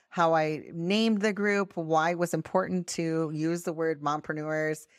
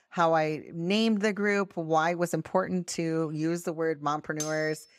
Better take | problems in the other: first | clattering dishes; noticeable; at 4.5 s; peak 9 dB below the speech

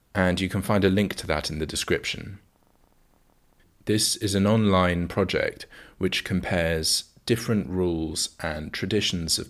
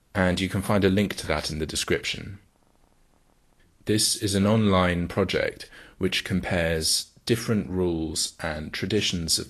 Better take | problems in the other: first | garbled, watery; slightly; nothing above 12 kHz

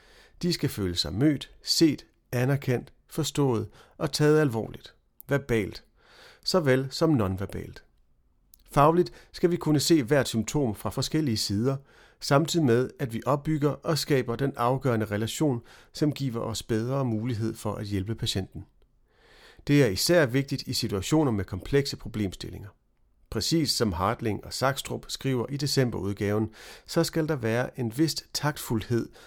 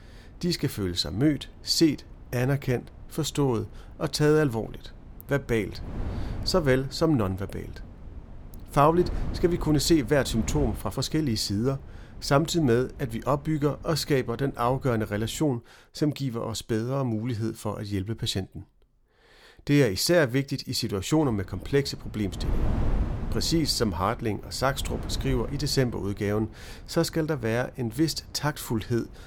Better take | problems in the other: first | wind noise on the microphone; occasional gusts; until 15 s and from 21 s on; 20 dB below the speech

